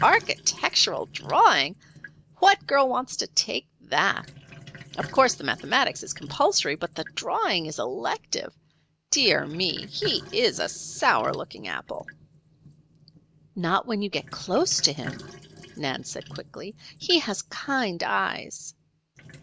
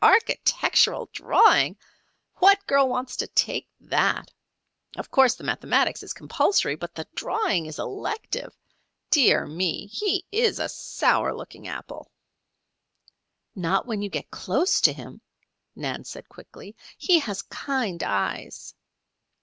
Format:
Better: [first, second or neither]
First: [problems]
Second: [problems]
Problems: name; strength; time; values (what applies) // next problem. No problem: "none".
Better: second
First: background sound (Sink (filling or washing)); 19 dB below the speech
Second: none